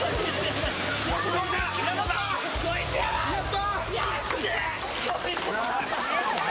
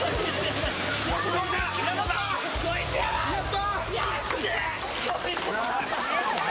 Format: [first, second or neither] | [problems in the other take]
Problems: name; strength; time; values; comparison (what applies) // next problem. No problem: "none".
first | background sound (Snare drum); 19 dB below the speech